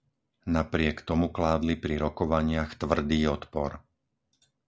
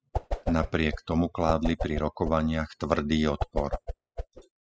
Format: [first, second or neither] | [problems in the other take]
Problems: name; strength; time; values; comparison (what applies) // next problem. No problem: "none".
first | noise reduction (classical method spectral subtraction)